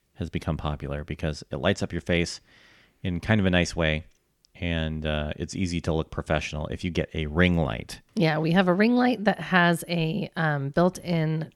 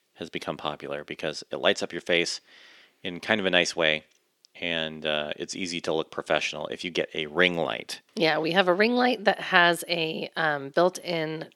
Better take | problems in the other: first | thin; somewhat; fading below 400 Hz

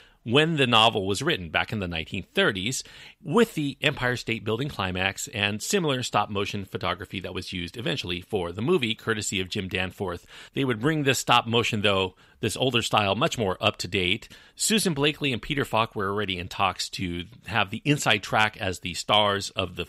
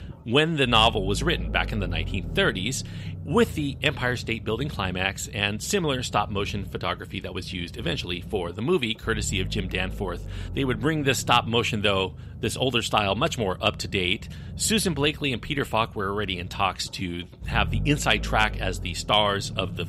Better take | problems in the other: first | low rumble; faint; throughout; 25 dB below the speech

